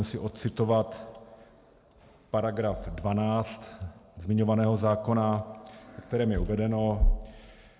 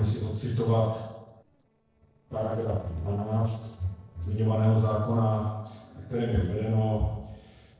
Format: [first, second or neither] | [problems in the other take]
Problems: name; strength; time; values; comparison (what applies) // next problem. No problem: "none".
first | noise reduction (neural separator model SepFormer DNS4)